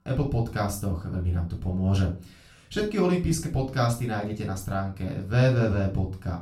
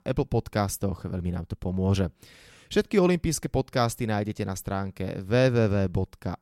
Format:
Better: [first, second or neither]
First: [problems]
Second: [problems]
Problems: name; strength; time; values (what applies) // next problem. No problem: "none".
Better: second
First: room echo; slight; dies away in 0.3 s // off-mic speech; somewhat distant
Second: none